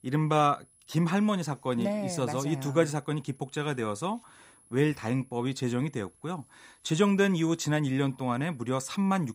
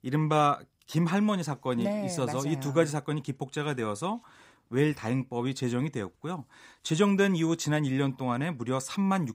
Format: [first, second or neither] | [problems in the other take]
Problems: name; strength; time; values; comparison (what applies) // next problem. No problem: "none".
second | high-pitched whine; faint; throughout; 11 kHz, 30 dB below the speech